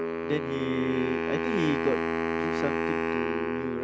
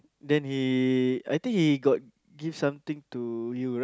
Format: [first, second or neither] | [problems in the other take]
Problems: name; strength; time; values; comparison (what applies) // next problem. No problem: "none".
second | background sound (Wind instrument, woodwind instrument); 3 dB above the speech